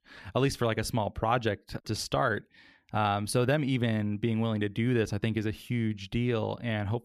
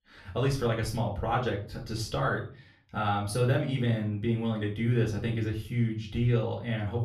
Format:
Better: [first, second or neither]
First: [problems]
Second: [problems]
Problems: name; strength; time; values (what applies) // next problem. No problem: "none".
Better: first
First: none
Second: off-mic speech; far // room echo; slight; dies away in 0.4 s